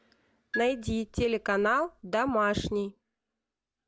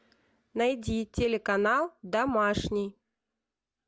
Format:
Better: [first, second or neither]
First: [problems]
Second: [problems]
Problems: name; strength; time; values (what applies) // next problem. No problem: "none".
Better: second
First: background sound (Marimba, xylophone); 13 dB below the speech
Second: none